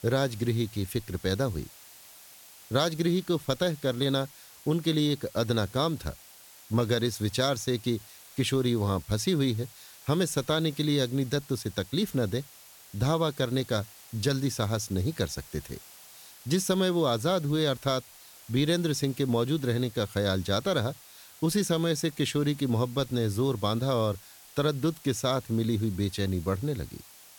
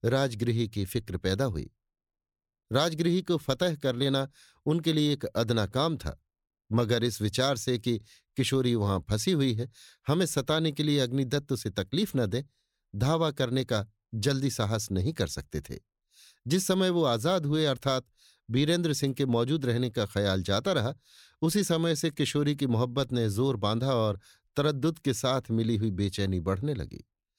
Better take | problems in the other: second | hiss; noticeable; throughout; 20 dB below the speech

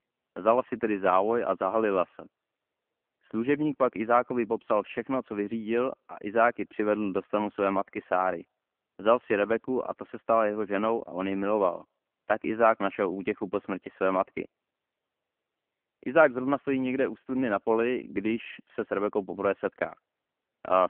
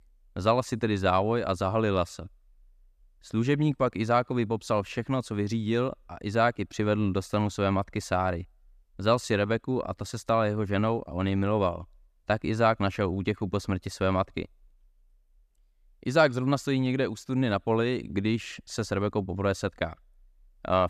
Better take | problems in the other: second | phone-call audio; poor line

